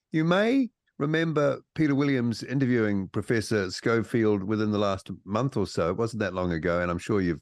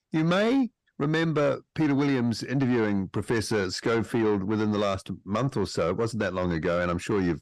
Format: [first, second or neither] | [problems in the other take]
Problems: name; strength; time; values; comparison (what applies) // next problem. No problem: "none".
first | distortion; slight; 10 dB below the speech